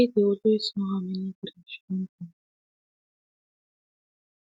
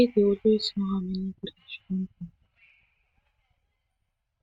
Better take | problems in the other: first | noise reduction (neural mask model RNNoise)

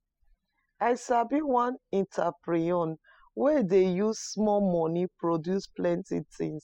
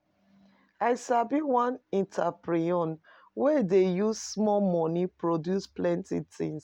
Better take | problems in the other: second | noise reduction (classical method spectral subtraction)

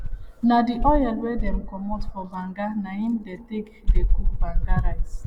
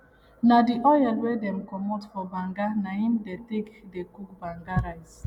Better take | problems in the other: second | background sound (Insect); 3 dB above the speech

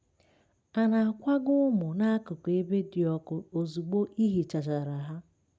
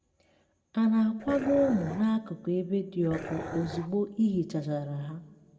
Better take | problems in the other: first | background sound (Dog); 9 dB below the speech // room echo; dies away in 1.1 s

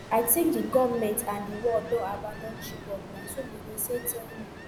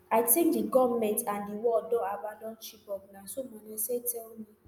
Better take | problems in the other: second | background sound (Ocean); 12 dB below the speech

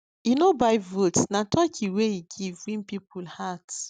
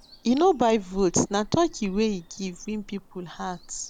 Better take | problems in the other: first | background sound (Bird vocalization, bird call, bird song); 19 dB below the speech

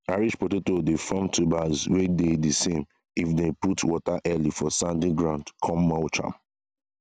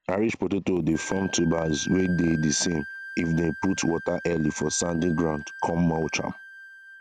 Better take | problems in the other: first | background sound (Wind instrument, woodwind instrument); 14 dB below the speech

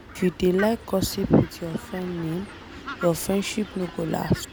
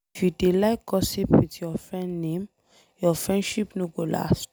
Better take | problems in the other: second | background sound (Fowl); 14 dB below the speech

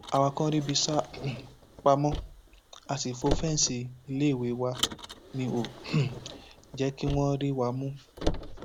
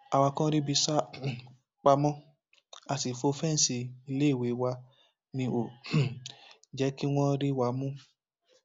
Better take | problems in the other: second | background sound (Car); 8 dB below the speech

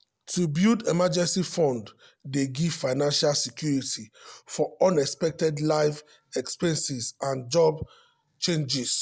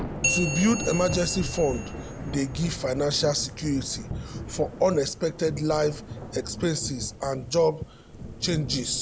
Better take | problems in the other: first | background sound (Thunder / Rain + Bell); 7 dB below the speech

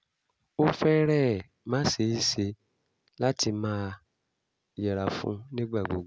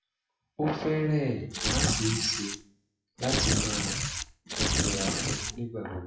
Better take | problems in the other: first | noise reduction (classical method WPE with log-MMSE)

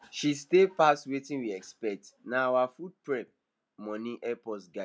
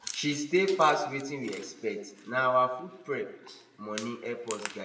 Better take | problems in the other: first | background sound (Chewing, mastication); 16 dB below the speech // room echo; dies away in 0.9 s

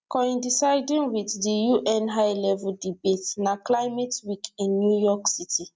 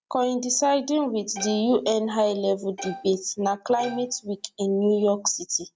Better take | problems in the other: first | background sound (Bowed string instrument); 16 dB below the speech

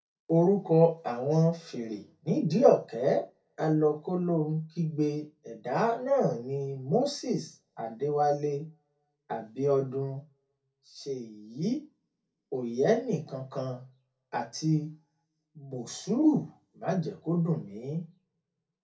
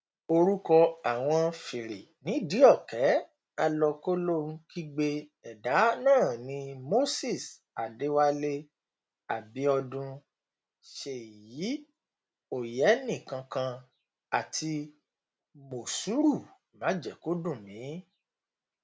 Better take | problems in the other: second | room echo; dies away in 0.3 s

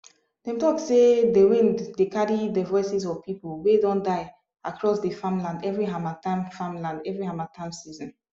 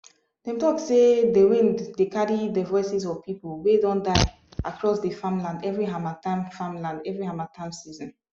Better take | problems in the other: first | background sound (Fart); 5 dB below the speech

